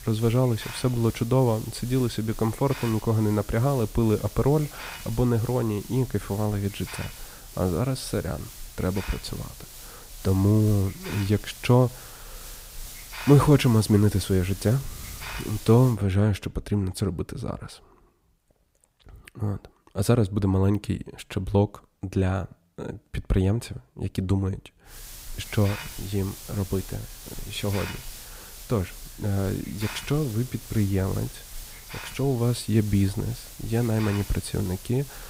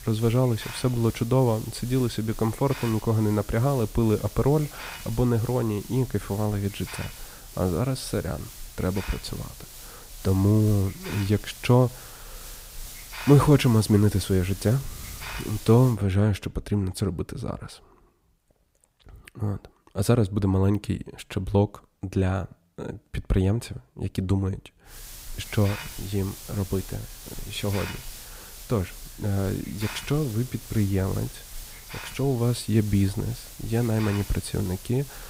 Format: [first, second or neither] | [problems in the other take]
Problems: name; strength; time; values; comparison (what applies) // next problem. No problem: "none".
neither | hiss; noticeable; until 16 s and from 25 s on; 15 dB below the speech; the same in both